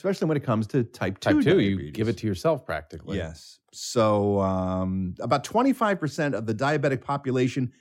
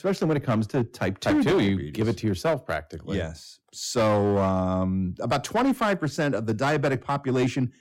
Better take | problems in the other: first | distortion; slight; 10% of the sound clipped

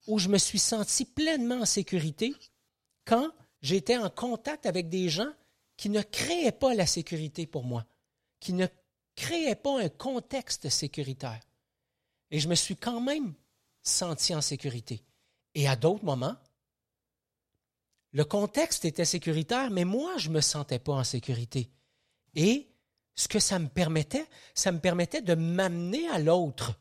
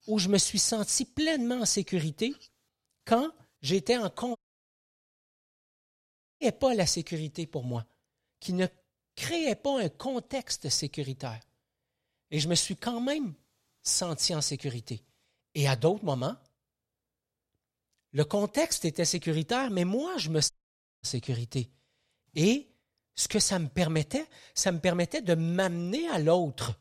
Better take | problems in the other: first | audio cutting out; at 4.5 s for 2 s and at 21 s for 0.5 s

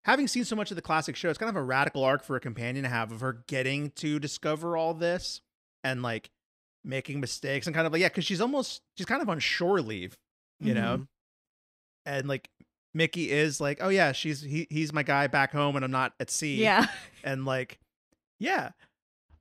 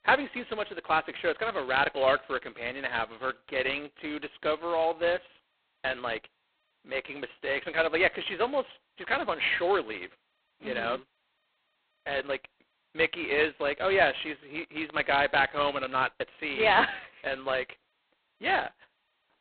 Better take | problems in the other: first | phone-call audio; poor line; nothing above 4 kHz

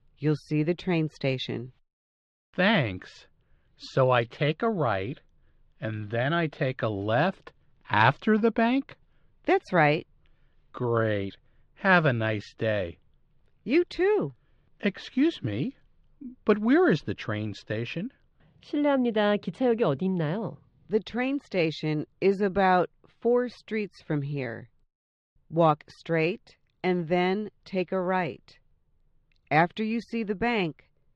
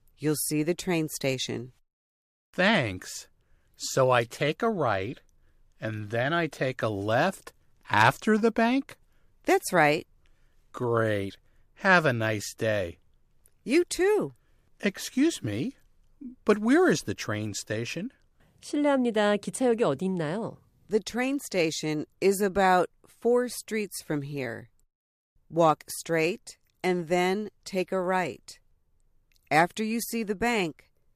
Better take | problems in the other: second | muffled; slightly; fading above 3.5 kHz

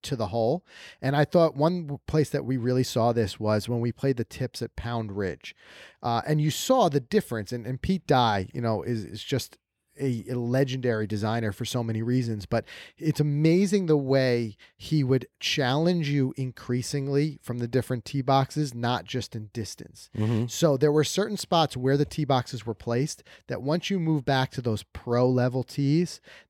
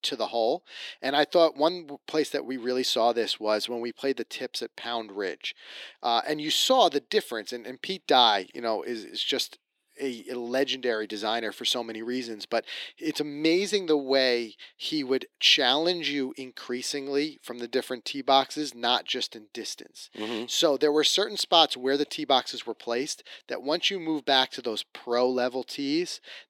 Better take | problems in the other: first | thin; somewhat; fading below 300 Hz

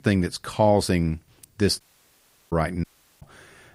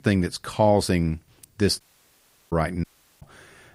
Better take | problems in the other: neither | audio cutting out; at 2 s for 0.5 s and at 3 s; the same in both

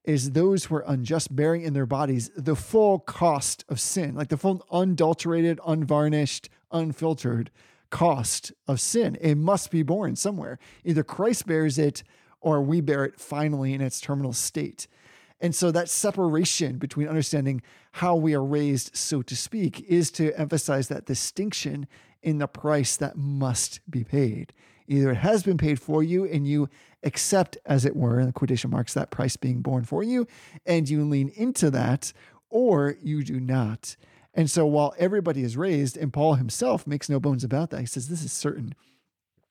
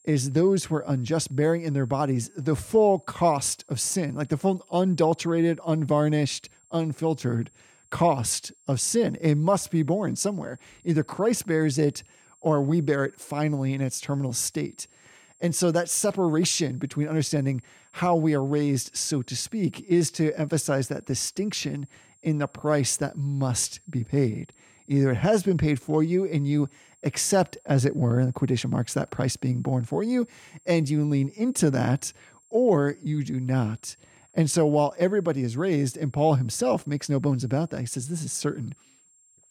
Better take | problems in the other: first | high-pitched whine; faint; throughout; 7.5 kHz, 30 dB below the speech

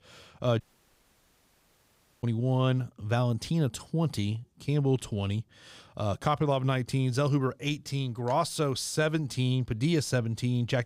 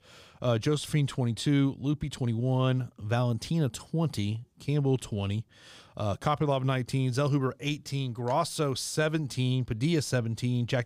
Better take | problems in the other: second | audio cutting out; at 0.5 s for 1.5 s

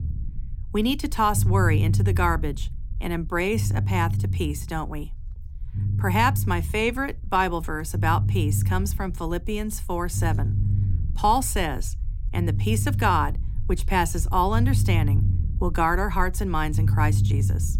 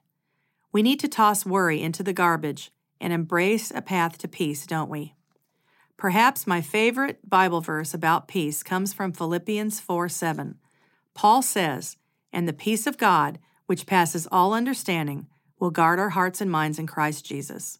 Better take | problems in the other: second | low rumble; noticeable; throughout; 15 dB below the speech

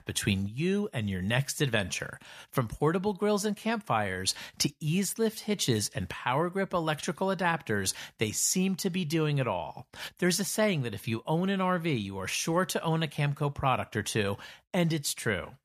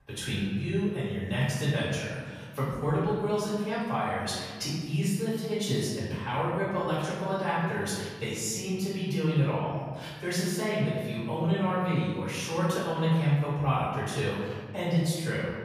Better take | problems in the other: first | off-mic speech; far // room echo; strong; dies away in 1.6 s

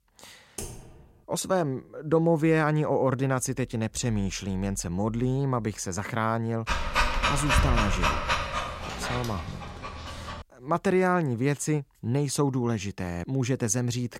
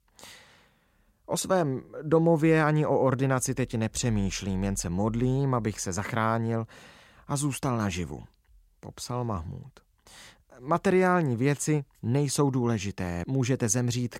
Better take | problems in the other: second | keyboard typing; faint; at 0.5 s; peak 10 dB below the speech // dog barking; loud; from 6.5 to 10 s; peak 3 dB above the speech

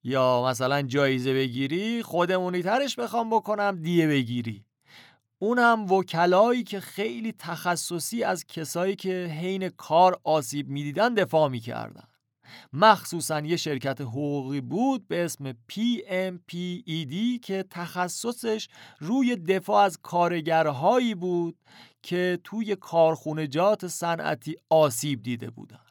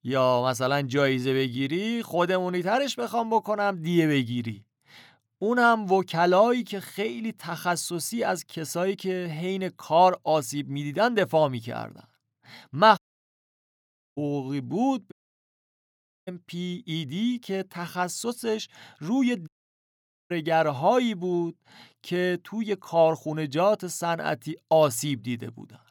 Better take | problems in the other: first | audio cutting out; at 13 s for 1 s, at 15 s for 1 s and at 19 s for 1 s

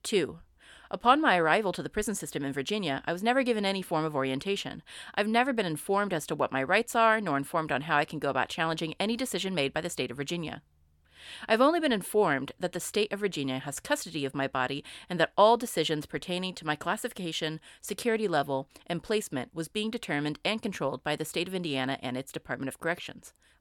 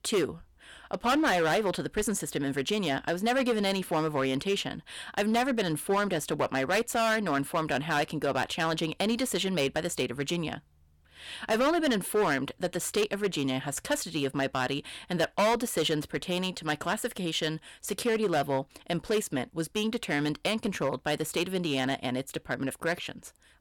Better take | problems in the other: first | distortion; heavy; 7% of the sound clipped

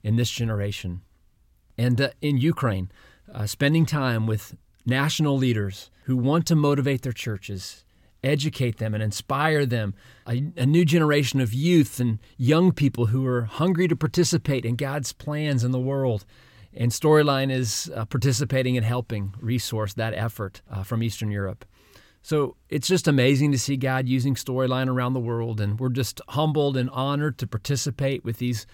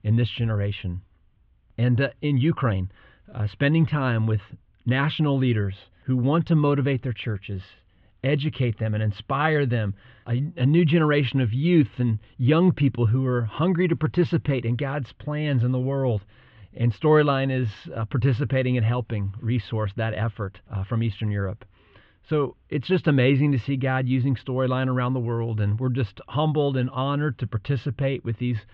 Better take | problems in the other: first | muffled; very; fading above 3 kHz

